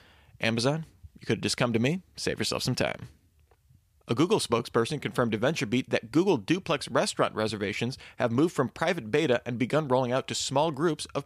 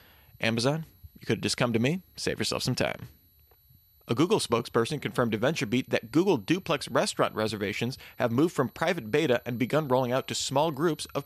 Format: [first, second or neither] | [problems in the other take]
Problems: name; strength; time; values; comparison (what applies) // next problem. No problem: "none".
first | high-pitched whine; faint; throughout; 12 kHz, 30 dB below the speech